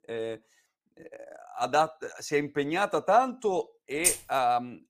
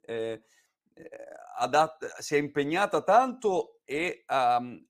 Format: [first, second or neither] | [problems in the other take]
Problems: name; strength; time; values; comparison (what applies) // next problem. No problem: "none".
second | jangling keys; loud; at 4 s; peak 2 dB above the speech